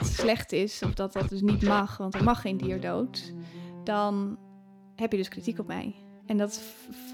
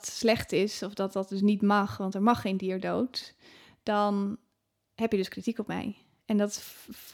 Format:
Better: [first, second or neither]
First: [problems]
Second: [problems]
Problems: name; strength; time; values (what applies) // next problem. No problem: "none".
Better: second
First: background music; loud; throughout; 6 dB below the speech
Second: none